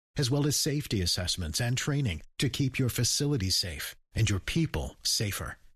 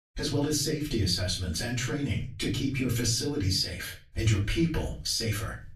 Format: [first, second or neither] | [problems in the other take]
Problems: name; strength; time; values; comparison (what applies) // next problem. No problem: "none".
first | room echo; slight; dies away in 0.3 s // off-mic speech; far